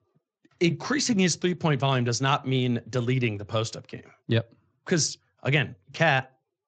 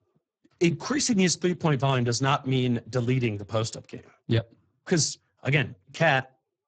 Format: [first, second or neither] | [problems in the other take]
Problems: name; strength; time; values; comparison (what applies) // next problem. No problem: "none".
first | garbled, watery; badly; nothing above 8 kHz; slightly in the first